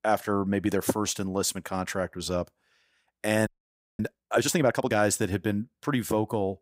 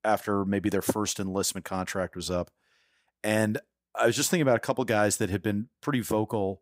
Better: second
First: audio freezing; at 3.5 s for 0.5 s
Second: none

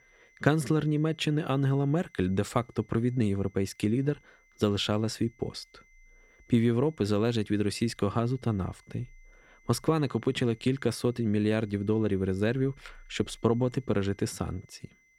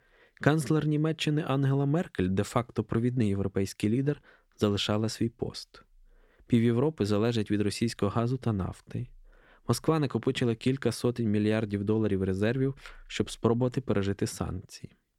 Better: second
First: high-pitched whine; faint; throughout; 2 kHz, 35 dB below the speech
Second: none

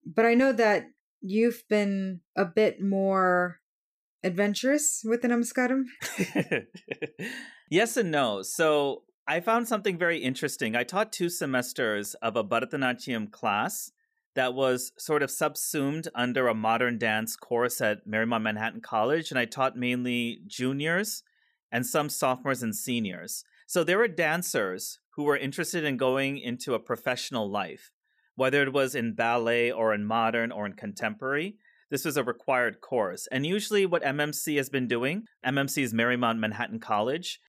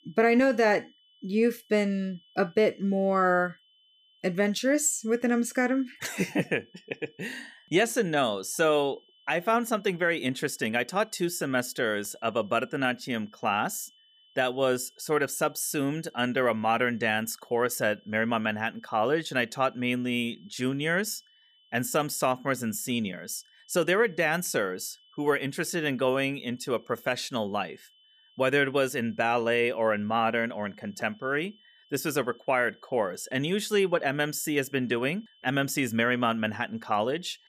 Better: first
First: none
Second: high-pitched whine; faint; throughout; 3 kHz, 30 dB below the speech

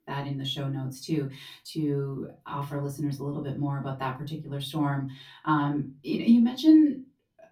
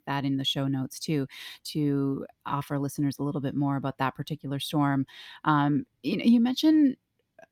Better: second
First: off-mic speech; far // room echo; very slight; dies away in 0.2 s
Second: none

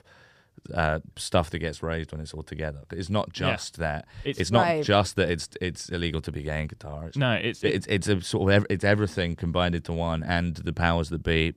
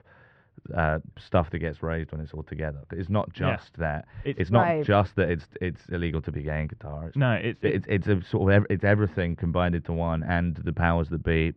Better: first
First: none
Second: muffled; very; fading above 2.5 kHz

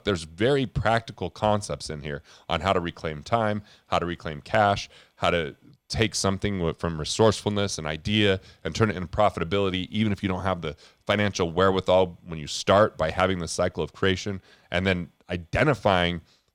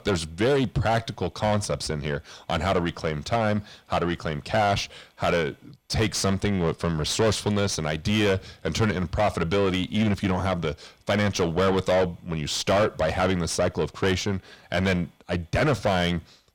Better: first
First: none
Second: distortion; heavy; 7 dB below the speech

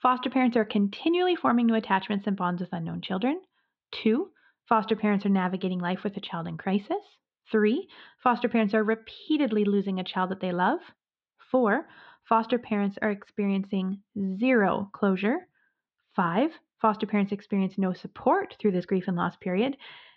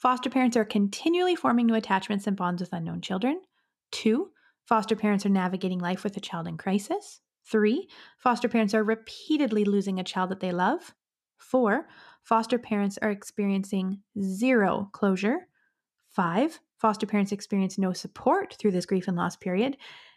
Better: second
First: muffled; slightly; fading above 3.5 kHz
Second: none

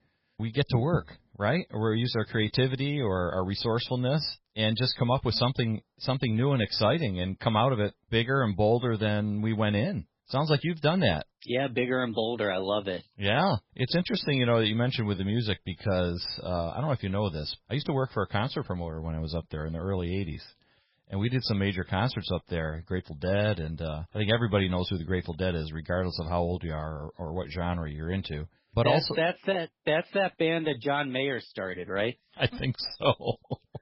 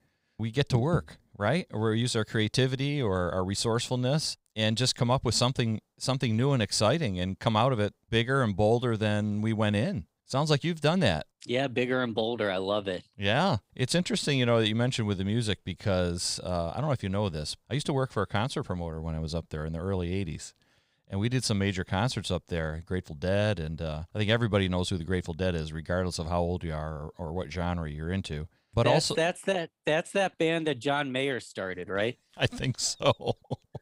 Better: second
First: garbled, watery; badly; nothing above 5.5 kHz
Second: none

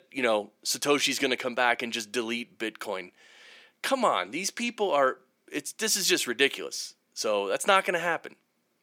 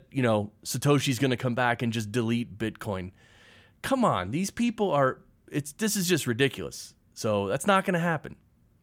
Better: second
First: thin; somewhat; fading below 300 Hz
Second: none

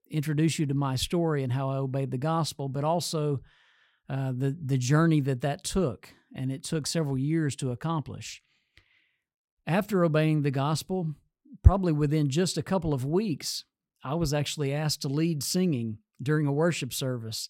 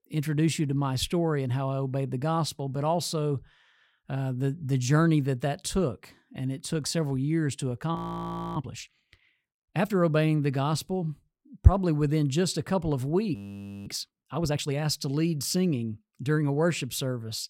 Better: first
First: none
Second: audio freezing; at 8 s for 0.5 s and at 13 s for 0.5 s

